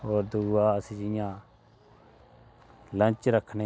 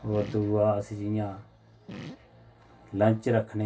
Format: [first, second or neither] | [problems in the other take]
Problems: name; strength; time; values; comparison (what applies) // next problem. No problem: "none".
first | background sound (Fart); 19 dB below the speech // room echo; dies away in 0.2 s